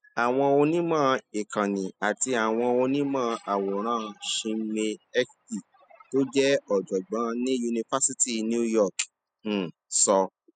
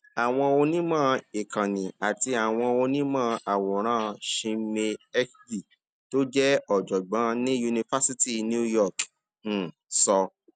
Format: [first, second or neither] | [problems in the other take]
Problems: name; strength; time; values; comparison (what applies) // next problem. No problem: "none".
second | noise reduction (classical method spectral subtraction)